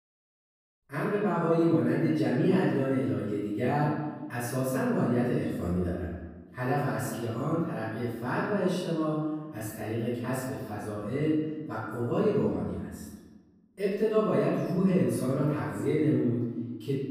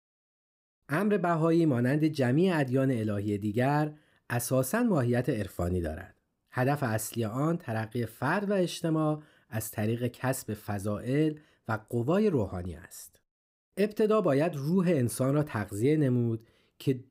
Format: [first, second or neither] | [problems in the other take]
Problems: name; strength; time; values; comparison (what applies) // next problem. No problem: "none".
second | off-mic speech; far // room echo; strong; dies away in 1.2 s